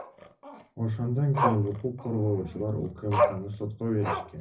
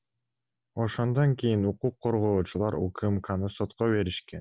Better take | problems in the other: second | background sound (Growling); 3 dB below the speech // room echo; dies away in 0.4 s

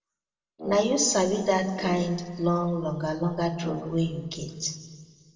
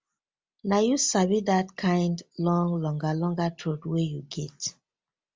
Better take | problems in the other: second | noise reduction (neural separator model SepFormer DNS4)

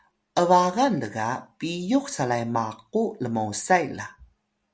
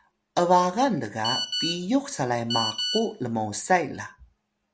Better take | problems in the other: first | background sound (Telephone); 5 dB below the speech

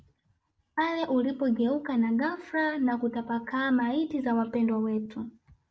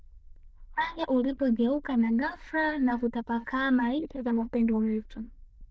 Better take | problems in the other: first | noise reduction (neural diffusion model UNIVERSE++)

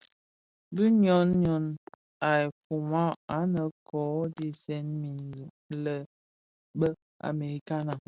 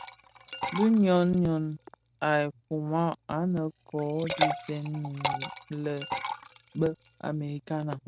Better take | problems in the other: first | background sound (Liquid); 8 dB below the speech

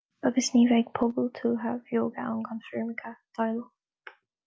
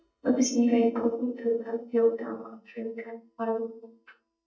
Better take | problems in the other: first | noise reduction (neural mask model DeepFilterNet 3)

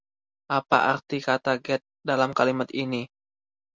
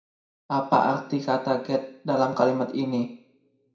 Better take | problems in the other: first | room echo; dies away in 0.5 s

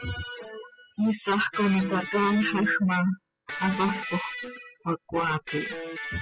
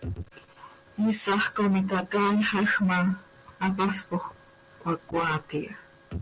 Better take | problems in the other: second | noise reduction (classical method spectral subtraction)

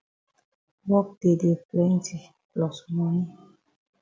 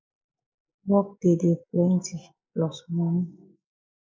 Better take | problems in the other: first | noise reduction (neural mask model Resemble Enhance denoiser)

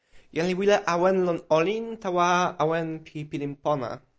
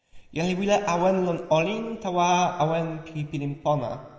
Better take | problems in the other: first | room echo; dies away in 1.4 s

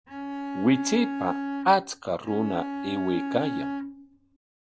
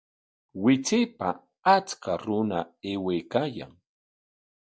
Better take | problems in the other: second | background sound (Bowed string instrument); 5 dB below the speech

